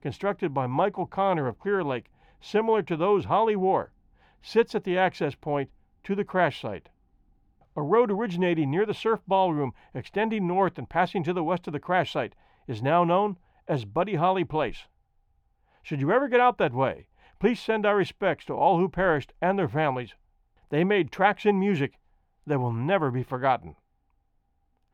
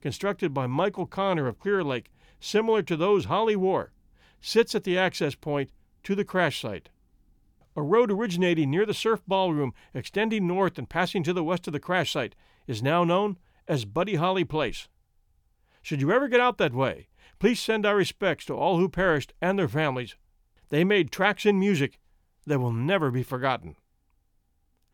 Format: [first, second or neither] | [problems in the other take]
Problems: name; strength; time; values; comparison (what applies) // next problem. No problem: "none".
second | muffled; slightly; fading above 4 kHz